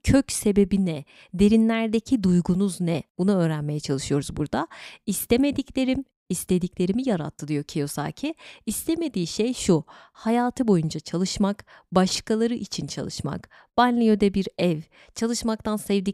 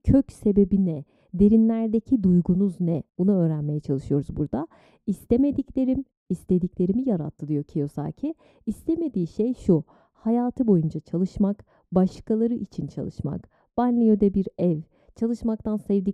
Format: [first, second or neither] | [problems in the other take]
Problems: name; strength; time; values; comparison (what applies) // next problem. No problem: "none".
first | muffled; very; fading above 1 kHz